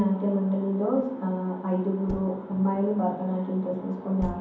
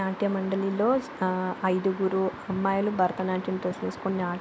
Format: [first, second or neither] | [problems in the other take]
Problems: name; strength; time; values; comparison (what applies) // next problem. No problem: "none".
second | background sound (Thump, thud); 18 dB below the speech // room echo; dies away in 1.2 s